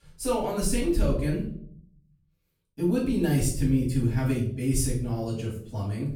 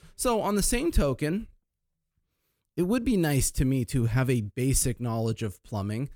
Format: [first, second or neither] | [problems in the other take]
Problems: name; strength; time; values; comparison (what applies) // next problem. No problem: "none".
second | off-mic speech; far // room echo; noticeable; dies away in 0.6 s